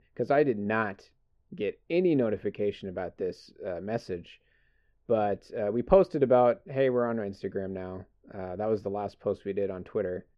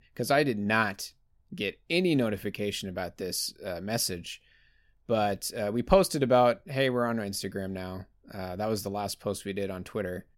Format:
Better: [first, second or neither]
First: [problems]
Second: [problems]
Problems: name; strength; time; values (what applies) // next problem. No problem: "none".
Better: second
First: muffled; very; fading above 2 kHz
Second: none